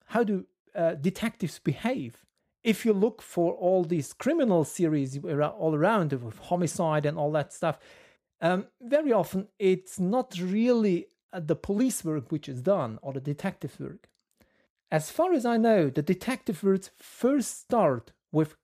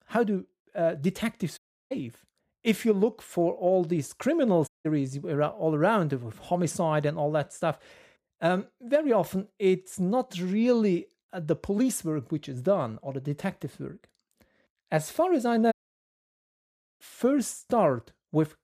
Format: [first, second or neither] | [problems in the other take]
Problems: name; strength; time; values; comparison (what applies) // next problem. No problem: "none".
first | audio cutting out; at 1.5 s, at 4.5 s and at 16 s for 1.5 s